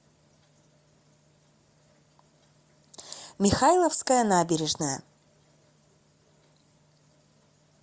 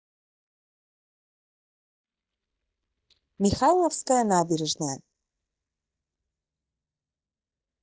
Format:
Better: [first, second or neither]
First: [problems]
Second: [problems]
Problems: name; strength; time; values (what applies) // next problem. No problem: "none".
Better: first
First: none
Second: noise reduction (neural mask model DeepFilterNet 3)